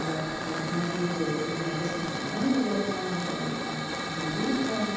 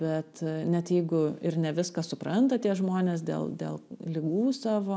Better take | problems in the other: second | background sound (Hiss / Fire); 3 dB below the speech // room echo; dies away in 1.2 s

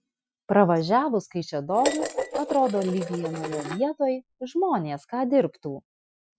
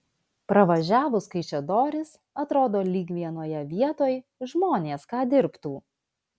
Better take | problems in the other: second | noise reduction (classical method Wiener filter)

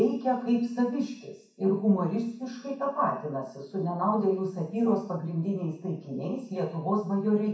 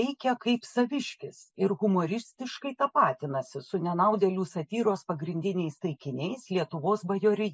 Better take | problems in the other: second | room echo; dies away in 0.6 s

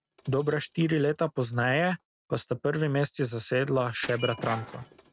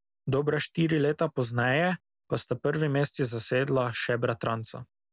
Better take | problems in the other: second | noise reduction (neural mask model RNNoise)

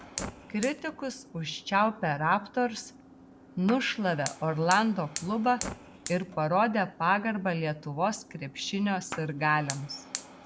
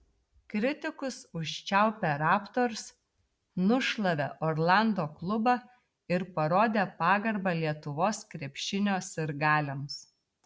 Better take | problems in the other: second | background sound (Fire); 14 dB below the speech

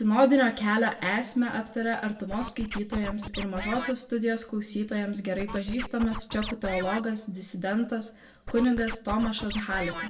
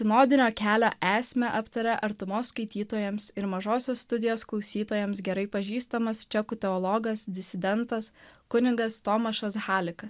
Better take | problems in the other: second | background sound (Scratching (performance technique)); 9 dB below the speech // room echo; dies away in 0.6 s

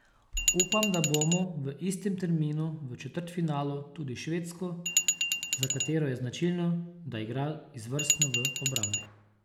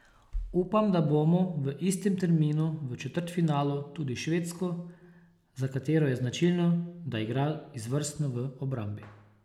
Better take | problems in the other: second | background sound (Glass); 2 dB above the speech

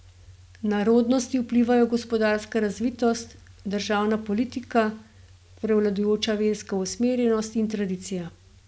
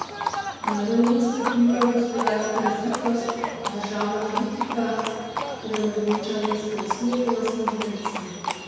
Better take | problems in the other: first | background sound (Livestock, farm animals, working animals); 5 dB below the speech // room echo; dies away in 1.9 s

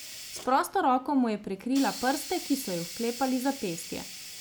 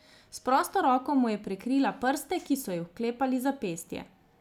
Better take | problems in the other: second | background sound (Hiss); 13 dB below the speech

